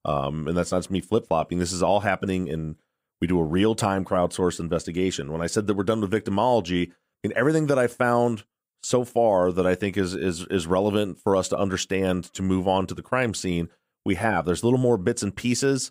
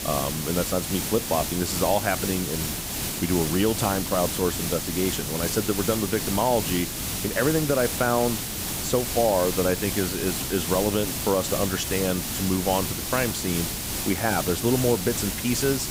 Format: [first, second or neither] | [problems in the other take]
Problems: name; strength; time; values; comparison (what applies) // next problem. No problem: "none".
first | hiss; loud; throughout; 2 dB below the speech